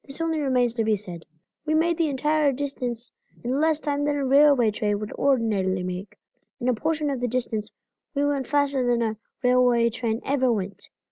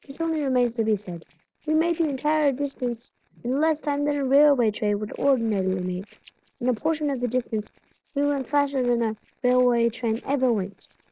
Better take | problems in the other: first | noise reduction (neural separator model SepFormer DNS4)

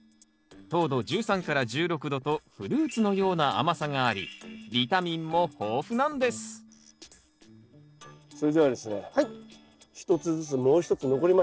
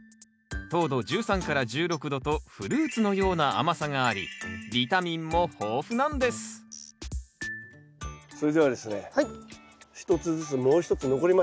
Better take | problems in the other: second | noise reduction (neural separator model SepFormer DNS4)

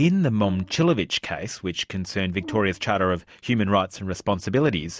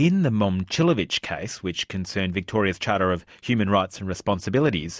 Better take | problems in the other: second | background sound (Brass instrument); 18 dB below the speech

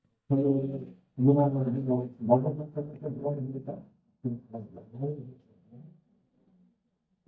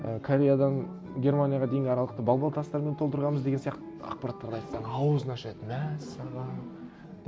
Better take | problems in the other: second | noise reduction (neural mask model DeepFilterNet 3)

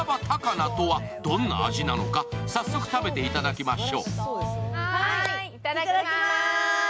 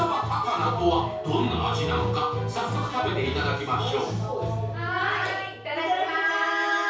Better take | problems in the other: first | room echo; dies away in 0.6 s

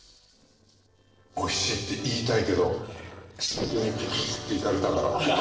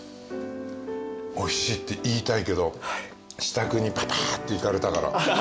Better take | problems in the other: second | noise reduction (neural separator model SepFormer DNS4)

